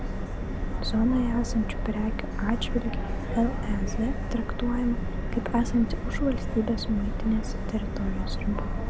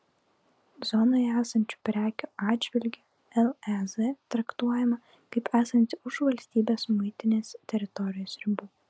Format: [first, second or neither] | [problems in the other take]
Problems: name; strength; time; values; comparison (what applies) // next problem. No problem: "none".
second | background sound (Subway, metro, underground); as loud as the speech